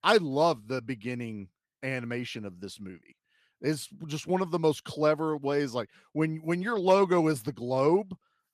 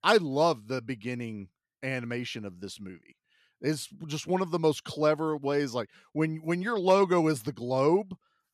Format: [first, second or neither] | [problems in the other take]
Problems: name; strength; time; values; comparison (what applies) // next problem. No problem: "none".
second | garbled, watery; slightly; nothing above 14.5 kHz